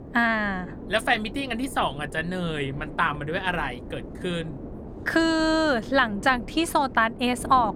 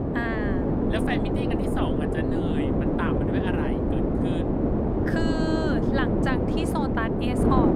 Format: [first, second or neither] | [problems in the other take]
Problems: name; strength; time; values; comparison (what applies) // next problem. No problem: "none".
first | wind noise on the microphone; heavy; 4 dB above the speech; occasional gusts in the first